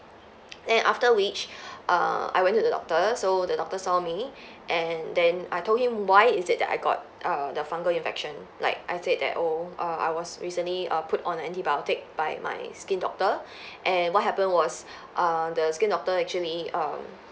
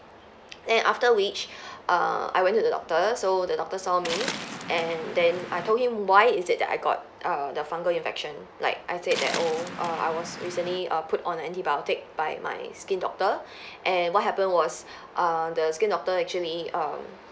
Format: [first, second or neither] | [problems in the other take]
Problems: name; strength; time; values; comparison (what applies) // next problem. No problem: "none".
first | background sound (Waves, surf); 11 dB below the speech